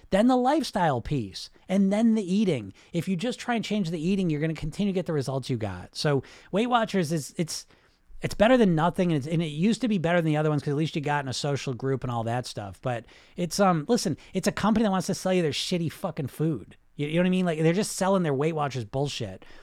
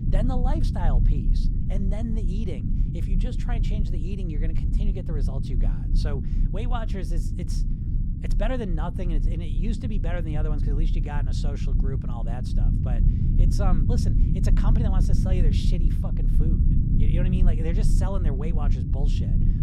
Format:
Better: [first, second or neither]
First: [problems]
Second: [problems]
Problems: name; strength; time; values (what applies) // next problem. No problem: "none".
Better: first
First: none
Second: low rumble; loud; throughout; 2 dB below the speech